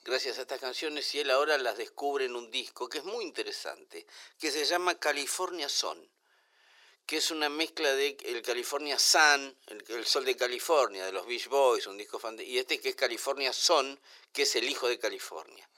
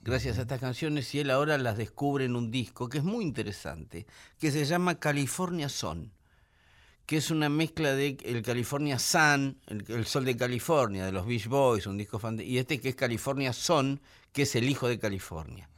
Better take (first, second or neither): second